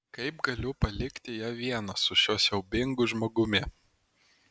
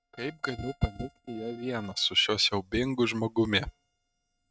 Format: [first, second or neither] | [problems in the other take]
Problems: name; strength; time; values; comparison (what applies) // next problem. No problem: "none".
first | noise reduction (neural mask model RNNoise)